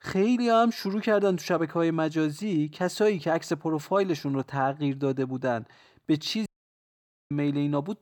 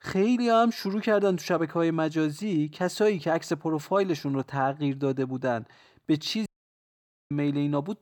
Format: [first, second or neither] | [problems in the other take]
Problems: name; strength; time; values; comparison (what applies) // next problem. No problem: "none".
neither | audio cutting out; at 6.5 s for 1 s; the same in both